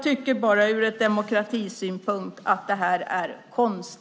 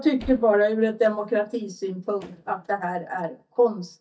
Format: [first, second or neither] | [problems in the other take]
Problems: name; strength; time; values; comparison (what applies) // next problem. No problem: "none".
first | noise reduction (neural mask model DeepFilterNet 3)